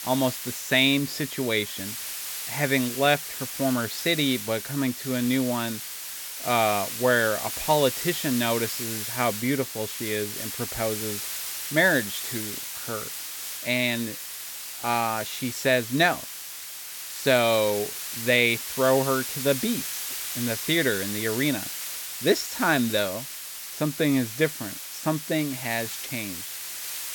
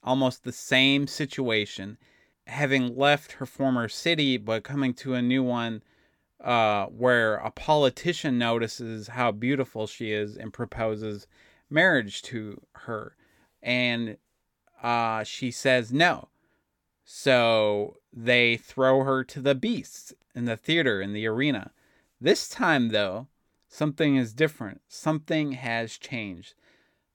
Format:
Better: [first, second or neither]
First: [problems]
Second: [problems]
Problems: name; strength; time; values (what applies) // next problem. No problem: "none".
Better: second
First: hiss; loud; throughout; 6 dB below the speech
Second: none